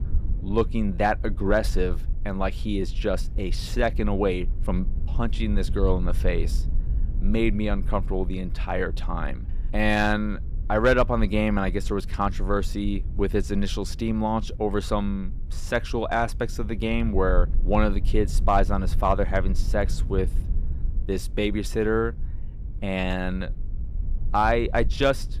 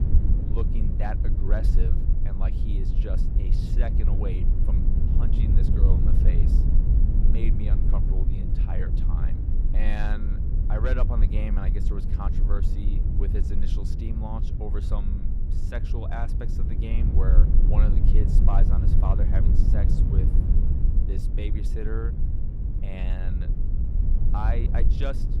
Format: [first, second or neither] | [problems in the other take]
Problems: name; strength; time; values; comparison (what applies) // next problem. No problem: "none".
first | low rumble; loud; throughout; 2 dB below the speech; faint in the first